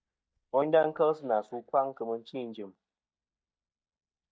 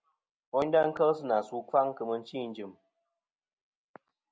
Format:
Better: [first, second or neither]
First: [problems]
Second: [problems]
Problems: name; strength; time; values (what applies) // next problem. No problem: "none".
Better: second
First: noise reduction (neural mask model DeepFilterNet 3)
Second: none